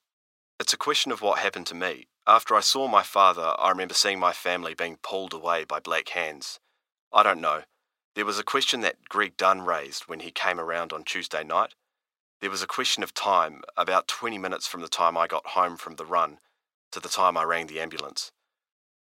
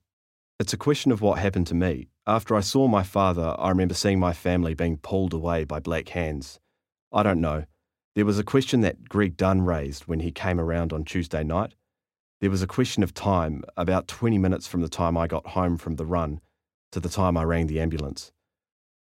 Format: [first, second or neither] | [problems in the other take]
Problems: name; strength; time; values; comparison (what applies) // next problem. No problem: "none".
second | thin; very; fading below 750 Hz